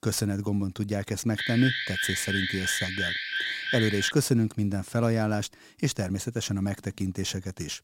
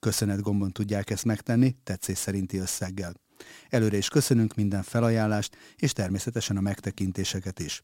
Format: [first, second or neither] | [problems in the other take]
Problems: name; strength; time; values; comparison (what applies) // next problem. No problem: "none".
second | alarm; loud; from 1.5 to 4 s; peak 1 dB above the speech